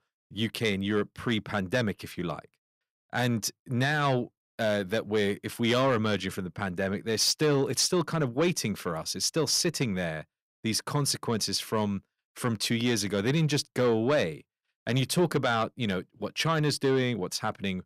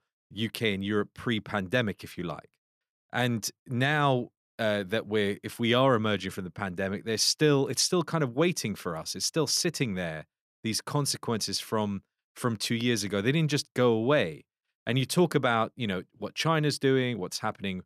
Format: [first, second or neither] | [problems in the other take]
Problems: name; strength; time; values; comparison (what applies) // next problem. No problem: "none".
second | distortion; slight; 10 dB below the speech